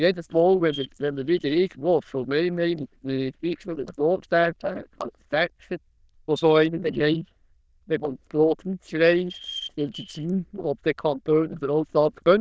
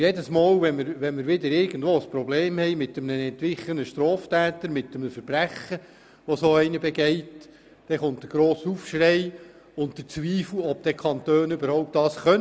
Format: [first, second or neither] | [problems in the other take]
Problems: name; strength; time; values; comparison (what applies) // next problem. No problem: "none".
second | noise reduction (neural diffusion model UNIVERSE++)